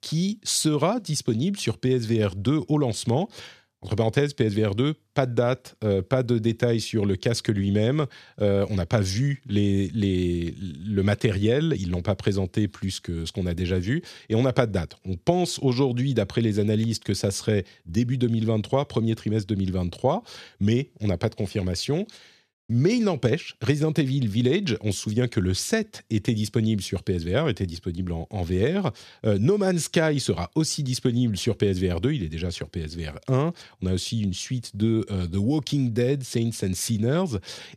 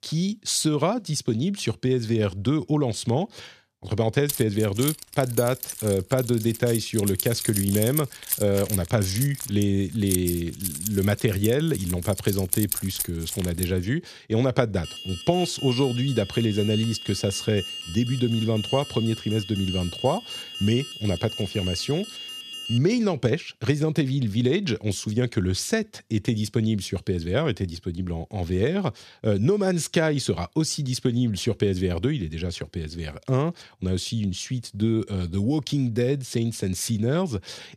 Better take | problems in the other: first | jangling keys; noticeable; from 4.5 to 14 s; peak level with the speech // alarm; noticeable; from 15 to 23 s; peak 7 dB below the speech

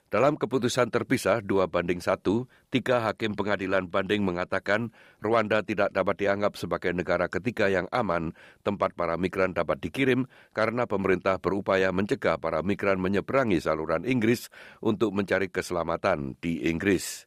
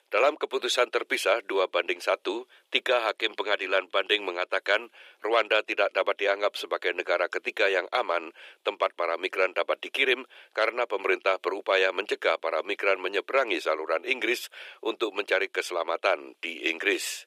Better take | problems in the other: first | thin; very; fading below 350 Hz

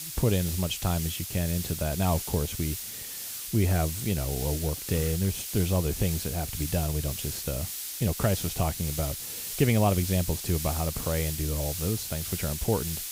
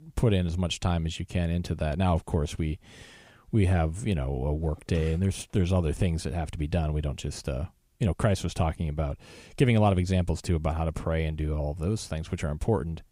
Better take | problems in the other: second | hiss; loud; throughout; 4 dB below the speech

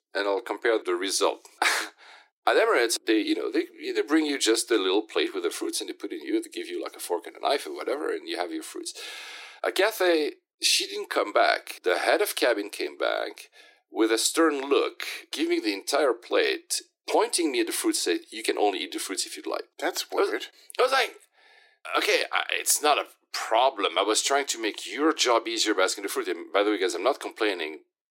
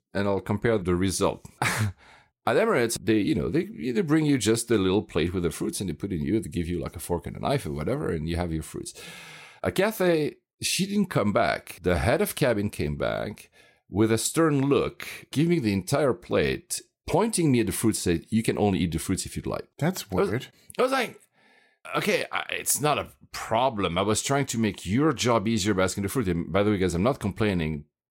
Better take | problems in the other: second | thin; very; fading below 300 Hz

